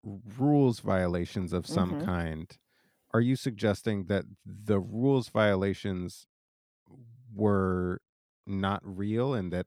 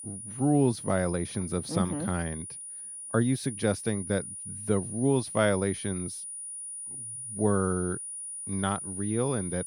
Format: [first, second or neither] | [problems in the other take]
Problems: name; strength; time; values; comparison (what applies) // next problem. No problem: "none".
first | high-pitched whine; loud; throughout; 9.5 kHz, 8 dB below the speech